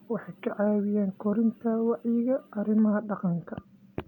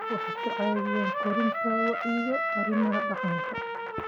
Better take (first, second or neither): first